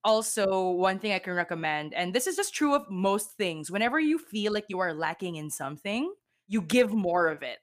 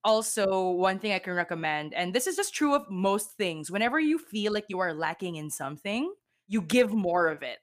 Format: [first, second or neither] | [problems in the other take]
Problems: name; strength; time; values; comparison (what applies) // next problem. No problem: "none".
neither | none